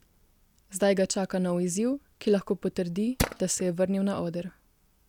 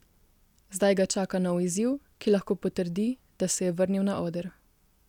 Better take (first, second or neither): second